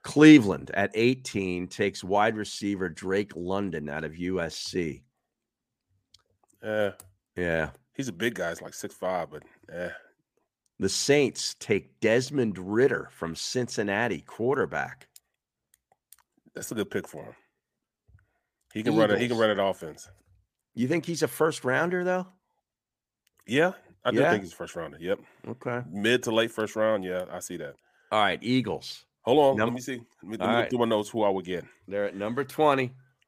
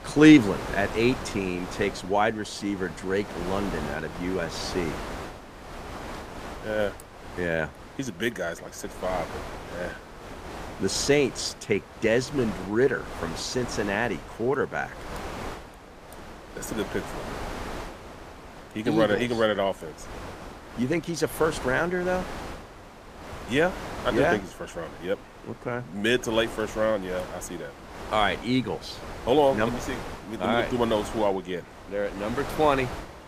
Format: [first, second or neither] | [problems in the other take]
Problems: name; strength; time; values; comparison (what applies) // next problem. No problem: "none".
first | wind noise on the microphone; occasional gusts; 10 dB below the speech